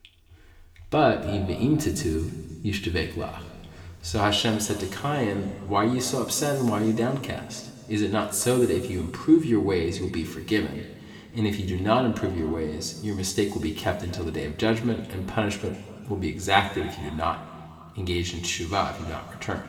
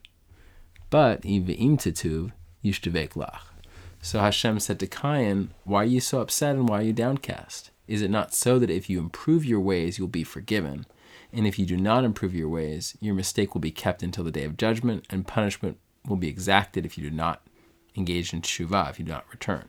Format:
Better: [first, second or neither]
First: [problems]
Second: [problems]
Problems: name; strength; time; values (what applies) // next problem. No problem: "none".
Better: second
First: room echo; slight; dies away in 1.8 s // off-mic speech; somewhat distant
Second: none